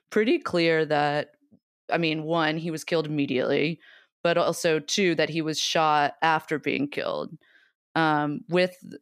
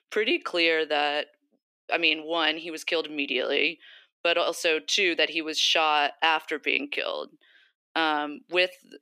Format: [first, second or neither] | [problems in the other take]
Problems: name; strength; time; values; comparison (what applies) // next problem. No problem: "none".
first | thin; somewhat; fading below 300 Hz